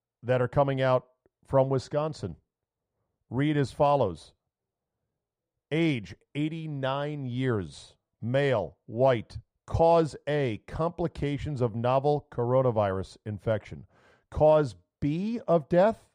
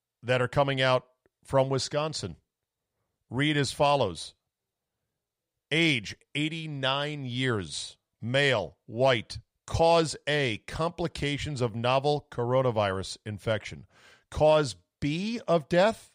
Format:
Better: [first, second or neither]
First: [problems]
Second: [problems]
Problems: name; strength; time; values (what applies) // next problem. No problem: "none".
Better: second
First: muffled; slightly; fading above 1.5 kHz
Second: none